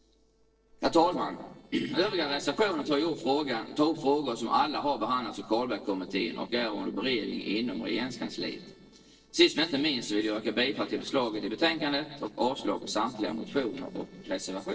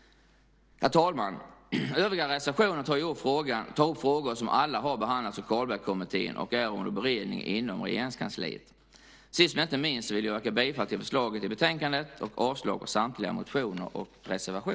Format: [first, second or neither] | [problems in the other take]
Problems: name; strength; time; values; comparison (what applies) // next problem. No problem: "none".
second | noise reduction (neural separator model SepFormer DNS4)